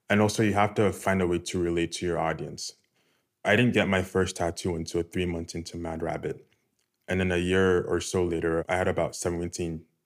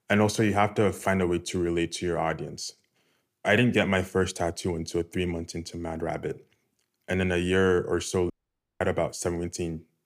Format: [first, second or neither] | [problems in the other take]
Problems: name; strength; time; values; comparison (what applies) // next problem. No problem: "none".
first | audio cutting out; at 8.5 s for 0.5 s